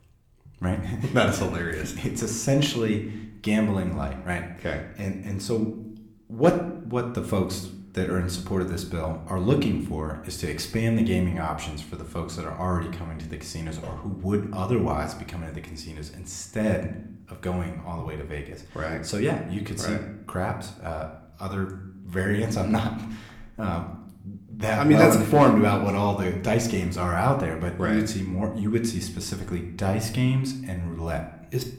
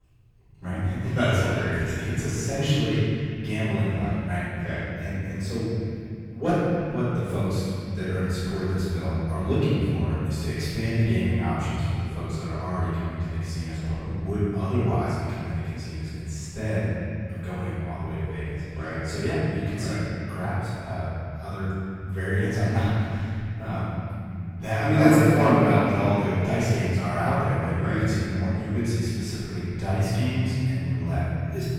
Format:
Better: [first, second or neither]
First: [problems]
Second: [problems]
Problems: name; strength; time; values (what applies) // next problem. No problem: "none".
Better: first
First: room echo; slight; dies away in 0.5 s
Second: room echo; strong; dies away in 3 s // off-mic speech; far